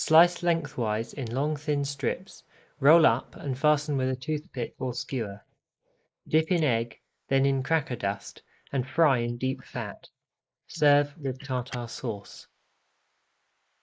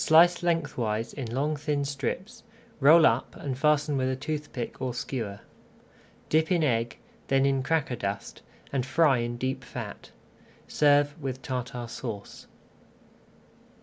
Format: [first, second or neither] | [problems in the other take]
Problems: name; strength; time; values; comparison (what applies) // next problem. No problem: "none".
second | noise reduction (neural mask model Resemble Enhance denoiser)